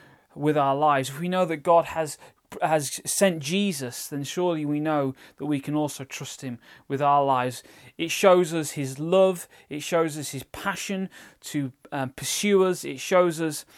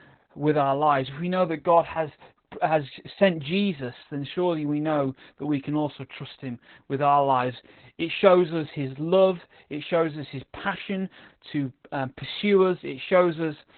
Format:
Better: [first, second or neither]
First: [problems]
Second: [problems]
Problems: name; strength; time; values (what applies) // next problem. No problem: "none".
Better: first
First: none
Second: garbled, watery; badly; nothing above 4 kHz